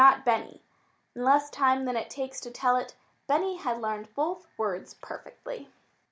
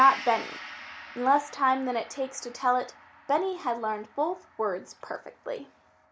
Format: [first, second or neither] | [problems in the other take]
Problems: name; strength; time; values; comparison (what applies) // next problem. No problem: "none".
first | background sound (Gong); 17 dB below the speech